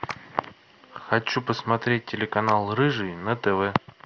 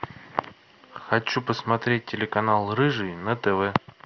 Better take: second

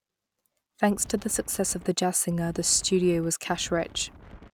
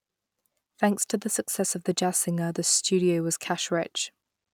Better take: second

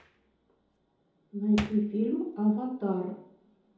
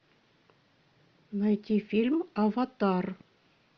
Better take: second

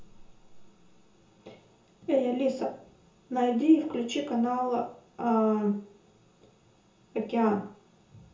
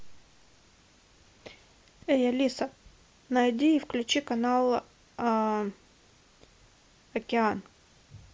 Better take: second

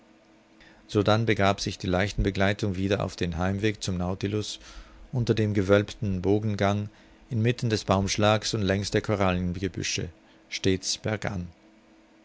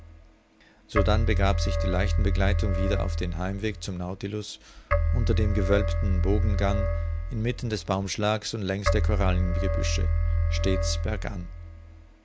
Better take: first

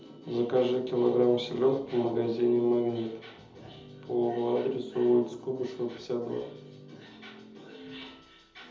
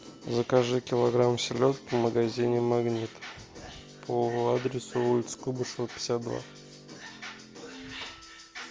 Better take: second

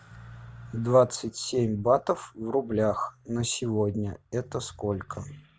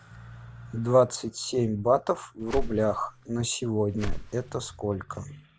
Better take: first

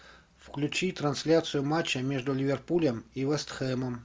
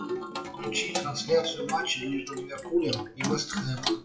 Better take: first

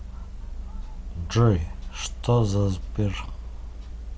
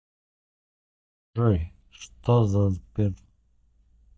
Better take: first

